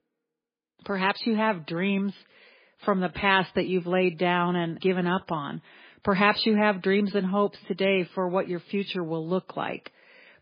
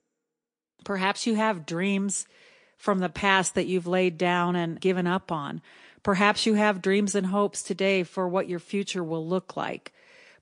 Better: second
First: garbled, watery; badly; nothing above 4.5 kHz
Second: garbled, watery; slightly; nothing above 8 kHz

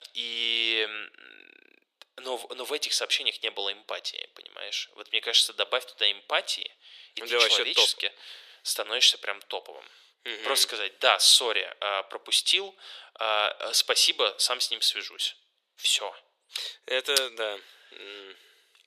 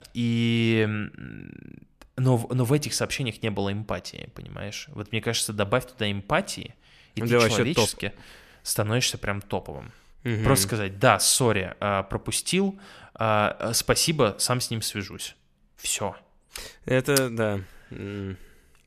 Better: second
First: thin; very; fading below 400 Hz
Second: none

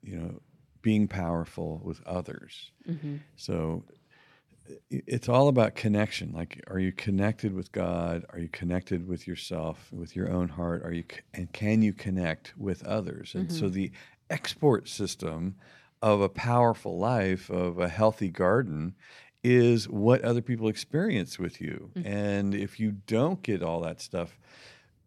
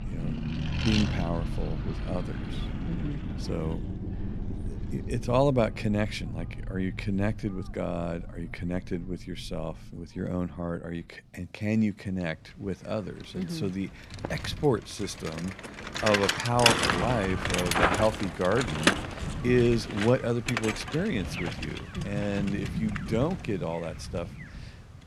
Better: first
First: none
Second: traffic noise; loud; throughout; 1 dB below the speech

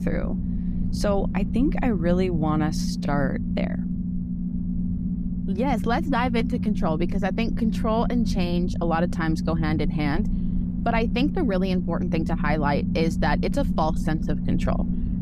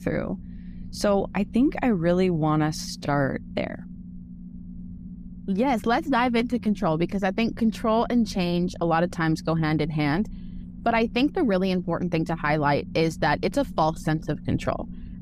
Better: second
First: low rumble; loud; throughout; 8 dB below the speech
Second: low rumble; faint; throughout; 25 dB below the speech

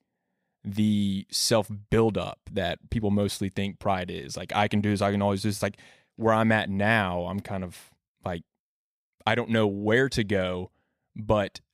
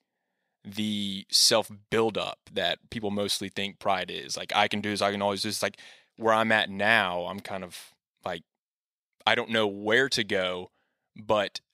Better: first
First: none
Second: thin; somewhat; fading below 1 kHz

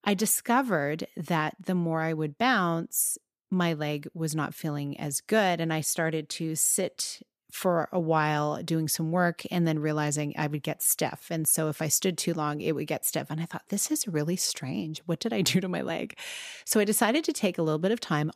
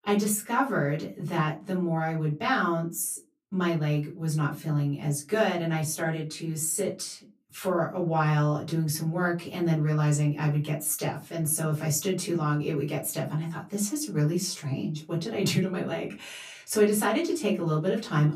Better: first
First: none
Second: off-mic speech; far // room echo; very slight; dies away in 0.2 s

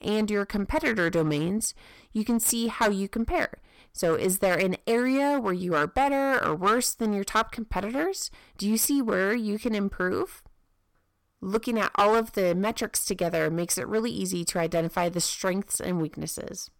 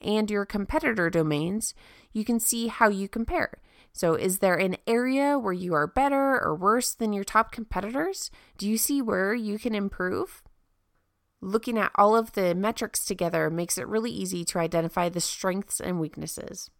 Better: second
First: distortion; slight; 5% of the sound clipped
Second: none

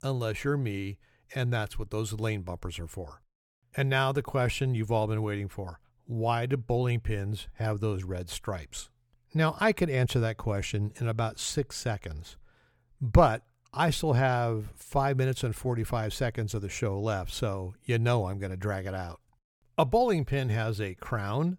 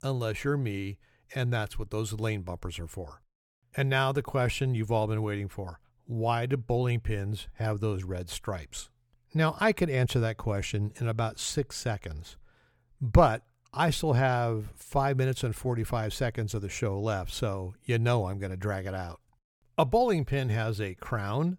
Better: neither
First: none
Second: none

